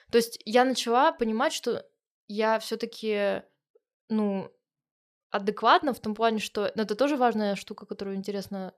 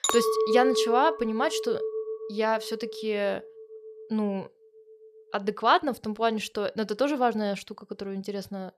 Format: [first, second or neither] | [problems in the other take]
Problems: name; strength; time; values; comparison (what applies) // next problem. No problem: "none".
first | clattering dishes; loud; until 3 s; peak 3 dB above the speech